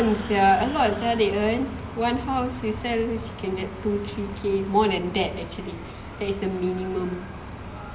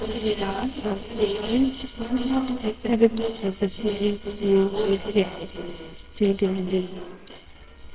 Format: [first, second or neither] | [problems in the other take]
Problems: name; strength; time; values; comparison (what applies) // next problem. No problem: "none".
first | noise reduction (neural separator model SepFormer WHAMR!)